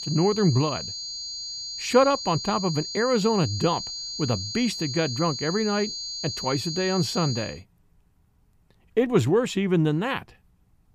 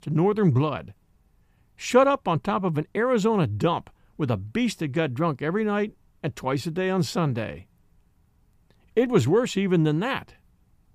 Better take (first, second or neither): second